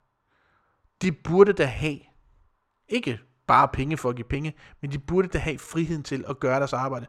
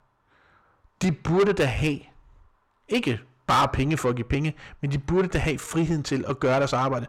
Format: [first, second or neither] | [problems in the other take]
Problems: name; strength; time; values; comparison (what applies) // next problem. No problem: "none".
first | distortion; heavy; 6 dB below the speech